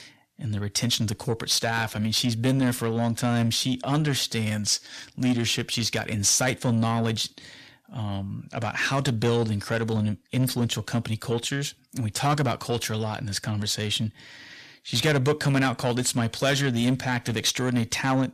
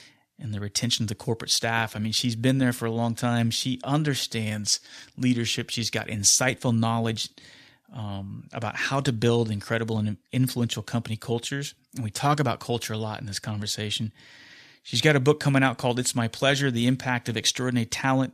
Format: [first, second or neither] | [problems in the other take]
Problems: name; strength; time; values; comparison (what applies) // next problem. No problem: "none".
second | distortion; slight; 10 dB below the speech